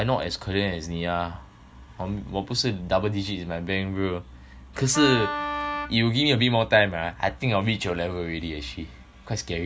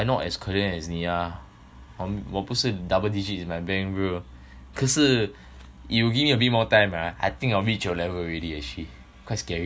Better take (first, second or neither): second